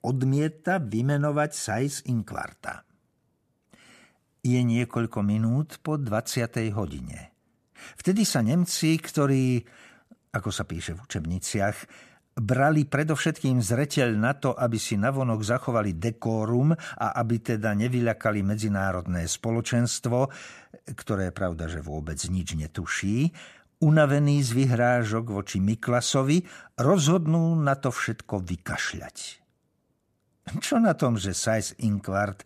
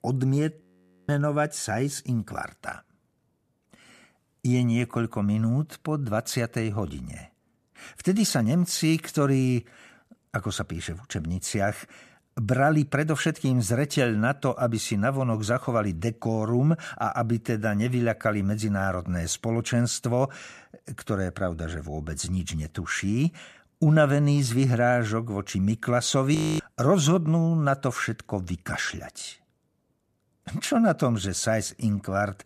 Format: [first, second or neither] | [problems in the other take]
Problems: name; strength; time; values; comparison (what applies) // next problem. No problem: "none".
first | audio freezing; at 0.5 s and at 26 s